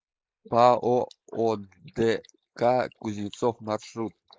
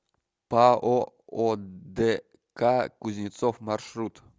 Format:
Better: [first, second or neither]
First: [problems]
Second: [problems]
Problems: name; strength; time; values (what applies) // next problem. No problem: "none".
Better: second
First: noise reduction (neural mask model Resemble Enhance denoiser)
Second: none